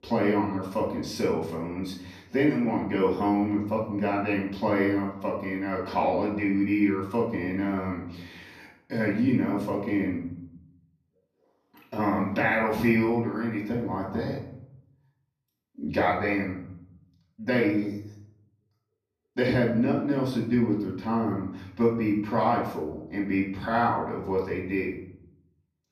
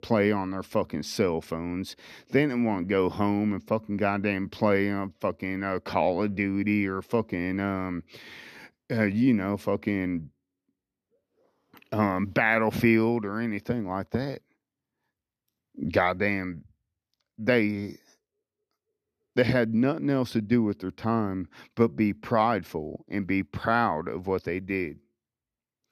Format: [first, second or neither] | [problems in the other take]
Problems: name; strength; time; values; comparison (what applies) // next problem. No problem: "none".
second | off-mic speech; far // room echo; noticeable; dies away in 0.6 s